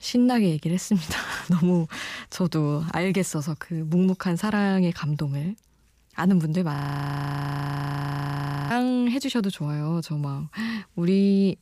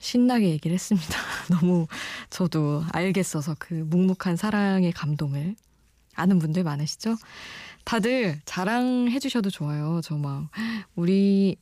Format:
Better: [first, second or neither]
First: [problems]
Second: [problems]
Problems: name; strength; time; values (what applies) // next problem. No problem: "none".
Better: second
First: audio freezing; at 7 s for 2 s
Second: none